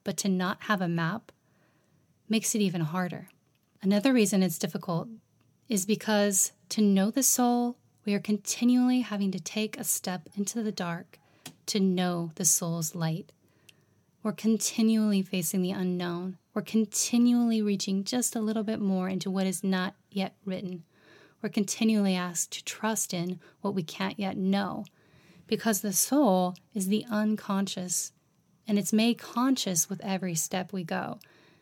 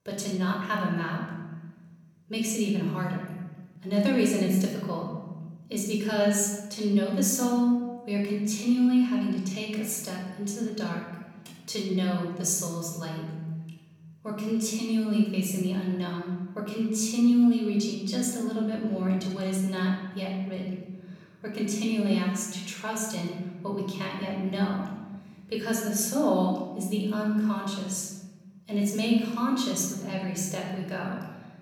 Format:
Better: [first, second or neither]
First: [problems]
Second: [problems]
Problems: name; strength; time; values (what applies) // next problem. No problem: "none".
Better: first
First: none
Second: off-mic speech; somewhat distant // room echo; noticeable; dies away in 1.3 s